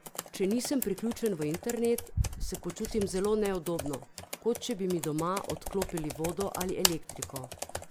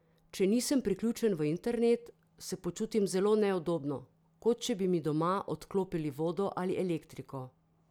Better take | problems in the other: second | background sound (Computer keyboard); 5 dB below the speech

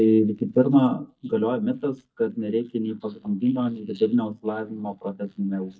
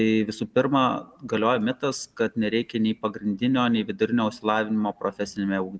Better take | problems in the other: second | noise reduction (neural mask model DeepFilterNet 3)

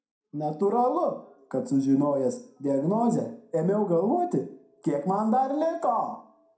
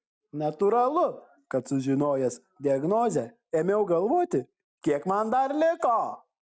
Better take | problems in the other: second | room echo; dies away in 0.4 s

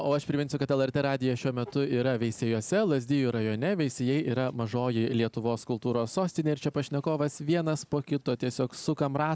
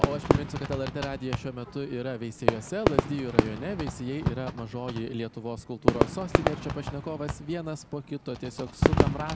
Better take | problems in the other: first | background sound (Fireworks); 5 dB above the speech

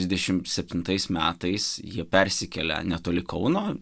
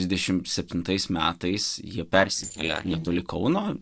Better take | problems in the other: first | noise reduction (neural separator model SepFormer DNS4)

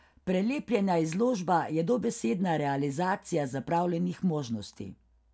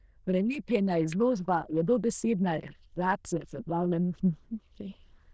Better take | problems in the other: first | noise reduction (neural diffusion model UNIVERSE++)

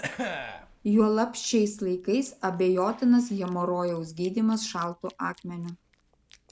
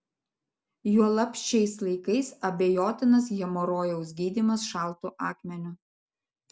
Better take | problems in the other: second | background sound (Chewing, mastication / Cough); 16 dB below the speech

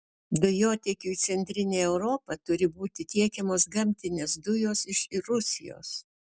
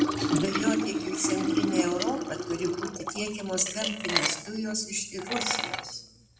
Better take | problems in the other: first | background sound (Liquid); 2 dB above the speech // room echo; dies away in 0.9 s

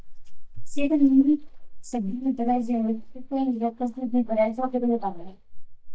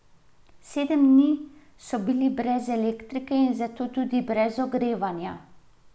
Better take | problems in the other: second | noise reduction (neural mask model DeepFilterNet 3)

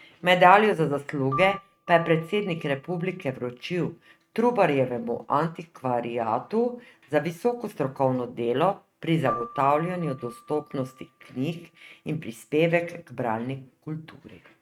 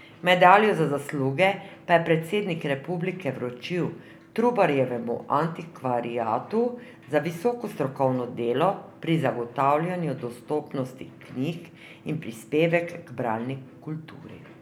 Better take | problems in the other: second | noise reduction (neural mask model RNNoise)

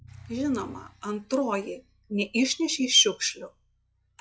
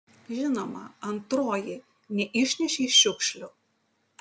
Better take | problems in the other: second | noise reduction (classical method log-MMSE)

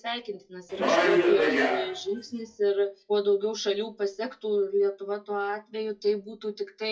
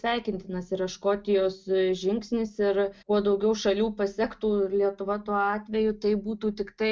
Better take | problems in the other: second | noise reduction (classical method WPE with log-MMSE)

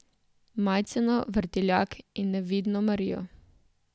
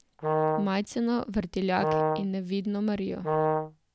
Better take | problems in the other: first | background sound (Brass instrument); 2 dB above the speech

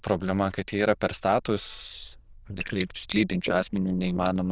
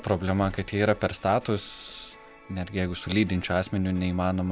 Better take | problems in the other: second | noise reduction (neural diffusion model UNIVERSE++)

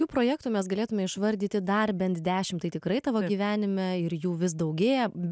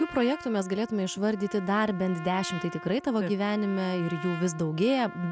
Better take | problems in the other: first | background sound (Trumpet); 14 dB below the speech

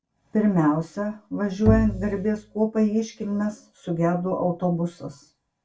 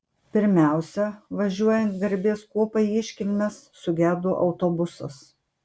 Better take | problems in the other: second | background sound (Bowed string instrument); 3 dB below the speech // room echo; dies away in 0.2 s

